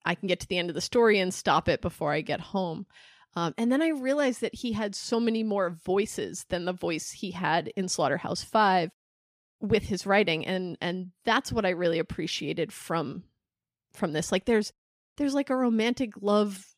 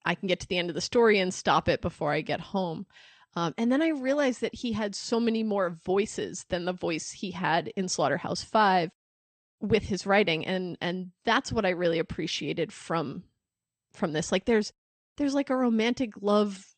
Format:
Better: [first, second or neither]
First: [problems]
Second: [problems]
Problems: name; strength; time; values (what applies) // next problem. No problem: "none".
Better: first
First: none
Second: garbled, watery; slightly; nothing above 8.5 kHz